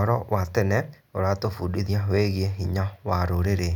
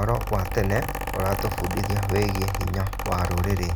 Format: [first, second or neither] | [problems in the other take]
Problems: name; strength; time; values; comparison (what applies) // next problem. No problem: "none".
first | background sound (Mechanical fan); 4 dB below the speech